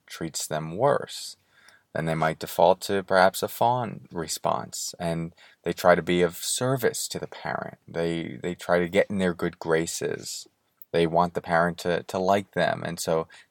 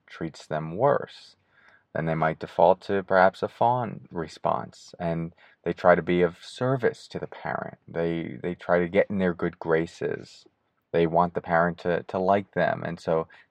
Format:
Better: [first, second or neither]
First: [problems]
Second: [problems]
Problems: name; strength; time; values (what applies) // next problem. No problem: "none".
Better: first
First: none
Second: muffled; very; fading above 2.5 kHz